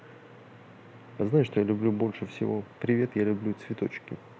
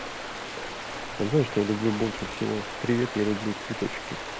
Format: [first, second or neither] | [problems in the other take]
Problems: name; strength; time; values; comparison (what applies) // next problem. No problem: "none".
first | background sound (Stream); 7 dB below the speech